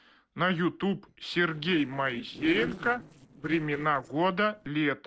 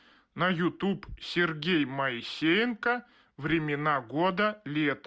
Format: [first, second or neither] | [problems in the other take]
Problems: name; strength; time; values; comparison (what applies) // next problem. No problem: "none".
second | noise reduction (neural separator model SepFormer DNS4)